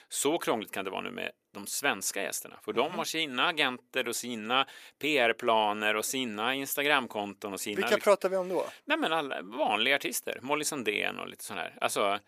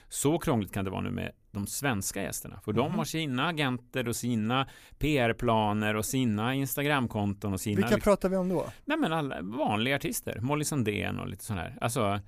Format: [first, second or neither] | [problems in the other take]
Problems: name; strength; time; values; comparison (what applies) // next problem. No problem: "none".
second | thin; somewhat; fading below 400 Hz